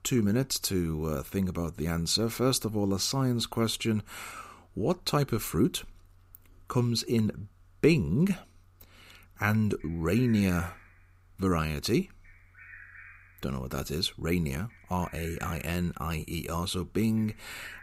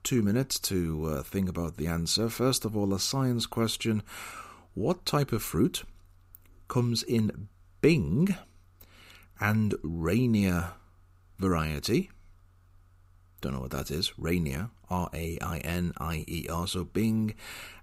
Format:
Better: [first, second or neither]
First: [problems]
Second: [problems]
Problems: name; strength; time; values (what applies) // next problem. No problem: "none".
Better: second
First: animal sounds; faint; throughout; 20 dB below the speech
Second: none